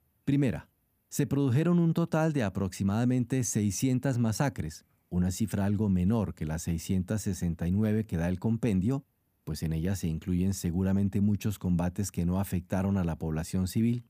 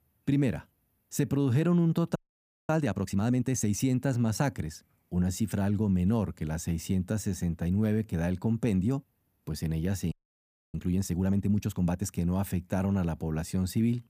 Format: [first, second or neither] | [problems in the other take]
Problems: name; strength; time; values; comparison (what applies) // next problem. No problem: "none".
first | audio freezing; at 2 s for 0.5 s and at 10 s for 0.5 s